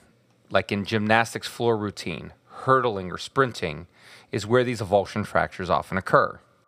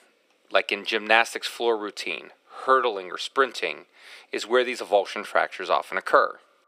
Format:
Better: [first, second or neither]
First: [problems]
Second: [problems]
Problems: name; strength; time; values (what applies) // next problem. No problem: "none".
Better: first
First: none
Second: thin; somewhat; fading below 300 Hz